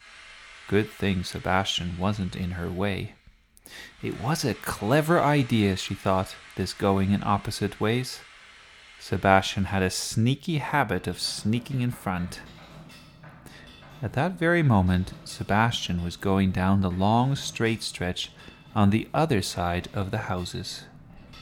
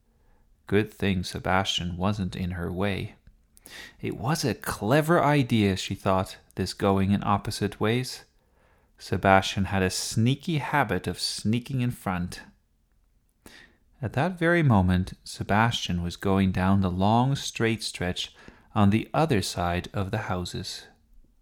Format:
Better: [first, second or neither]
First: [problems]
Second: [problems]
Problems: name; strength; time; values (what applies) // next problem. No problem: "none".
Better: second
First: machinery noise; faint; throughout; 20 dB below the speech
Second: none